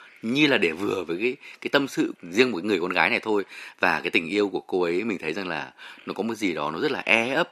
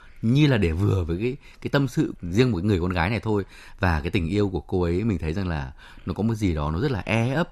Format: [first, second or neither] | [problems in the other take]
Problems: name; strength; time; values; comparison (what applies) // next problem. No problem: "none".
second | thin; somewhat; fading below 300 Hz